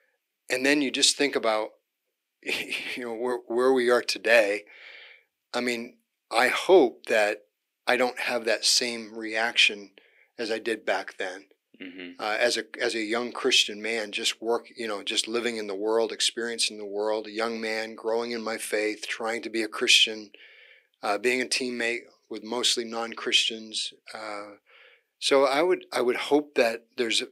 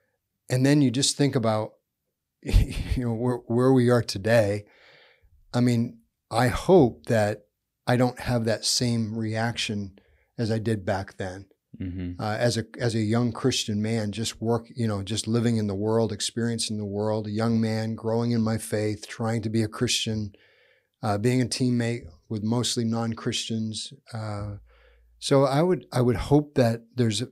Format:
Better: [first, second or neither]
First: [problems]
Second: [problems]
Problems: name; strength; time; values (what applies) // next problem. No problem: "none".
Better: second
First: thin; somewhat; fading below 350 Hz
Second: none